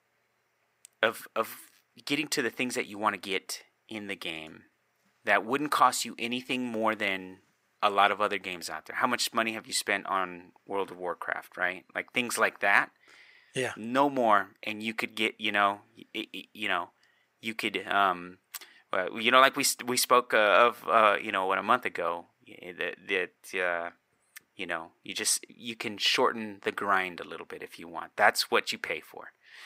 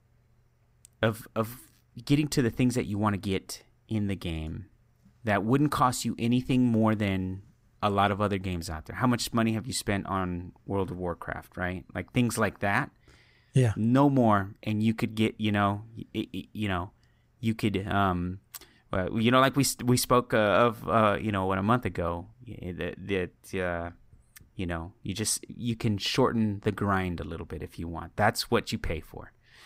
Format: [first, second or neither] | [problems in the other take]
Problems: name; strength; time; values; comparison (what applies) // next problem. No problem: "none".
second | thin; somewhat; fading below 450 Hz